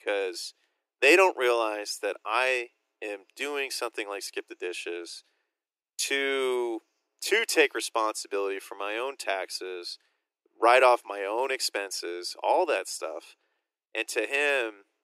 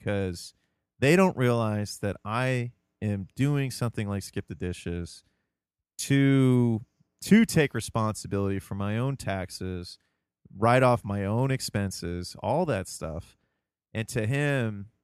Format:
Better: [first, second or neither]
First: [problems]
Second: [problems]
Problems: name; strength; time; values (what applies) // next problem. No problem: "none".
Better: second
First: thin; very; fading below 350 Hz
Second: none